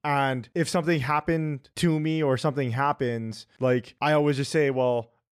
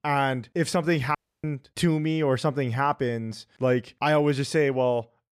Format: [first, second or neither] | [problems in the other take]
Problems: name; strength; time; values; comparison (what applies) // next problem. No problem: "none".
first | audio cutting out; at 1 s